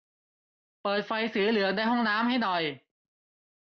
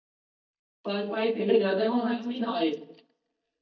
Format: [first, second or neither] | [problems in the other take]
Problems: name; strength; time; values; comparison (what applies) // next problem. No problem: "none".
first | noise reduction (neural mask model DeepFilterNet 3)